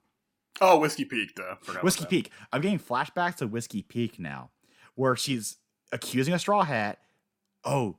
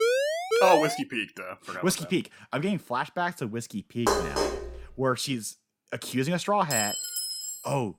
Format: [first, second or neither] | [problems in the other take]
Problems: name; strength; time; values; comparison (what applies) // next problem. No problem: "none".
first | siren; loud; until 1 s; peak 4 dB above the speech // clattering dishes; loud; at 4 s and at 6.5 s; peak 2 dB above the speech